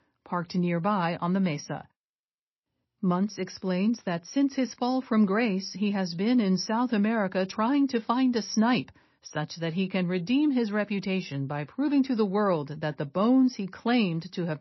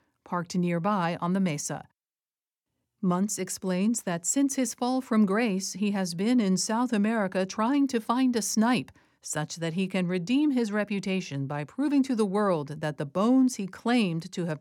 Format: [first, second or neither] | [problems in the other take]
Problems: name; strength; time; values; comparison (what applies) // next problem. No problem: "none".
second | garbled, watery; slightly; nothing above 6 kHz